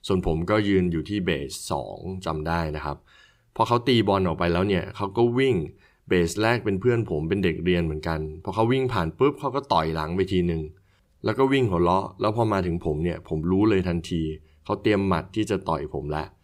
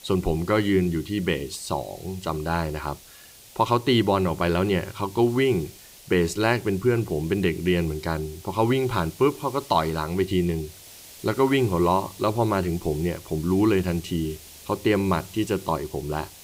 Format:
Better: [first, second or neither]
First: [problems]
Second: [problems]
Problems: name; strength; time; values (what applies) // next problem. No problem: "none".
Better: first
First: none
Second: hiss; noticeable; throughout; 20 dB below the speech